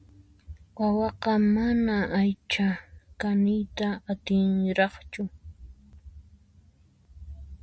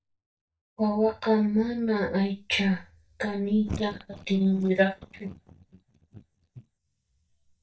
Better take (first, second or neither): first